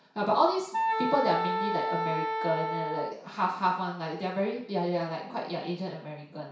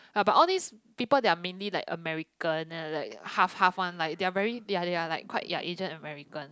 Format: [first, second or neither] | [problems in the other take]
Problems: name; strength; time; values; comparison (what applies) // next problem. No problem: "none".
second | background sound (Wind instrument, woodwind instrument); 1 dB below the speech // room echo; dies away in 0.6 s